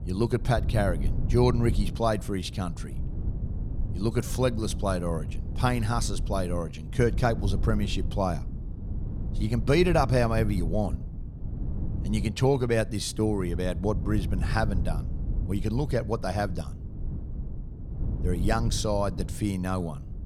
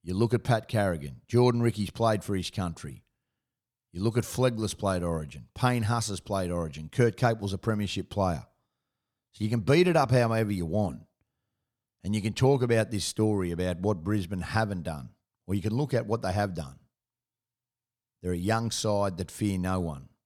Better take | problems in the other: second | wind noise on the microphone; occasional gusts; 15 dB below the speech

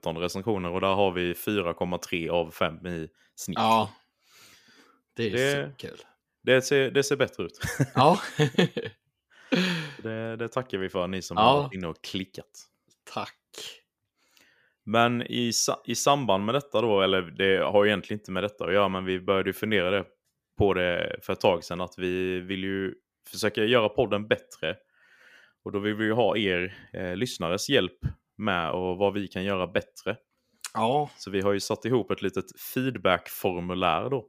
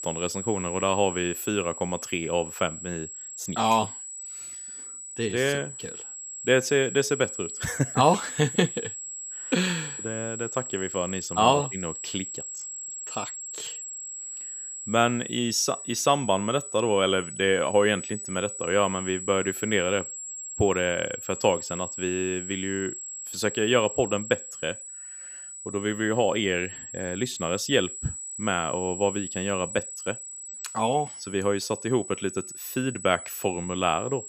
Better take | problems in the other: first | high-pitched whine; loud; throughout; 7.5 kHz, 8 dB below the speech

